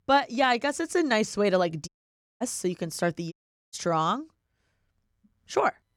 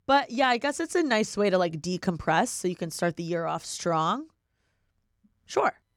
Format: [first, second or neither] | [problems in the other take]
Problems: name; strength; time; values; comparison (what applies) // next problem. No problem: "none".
second | audio cutting out; at 2 s for 0.5 s and at 3.5 s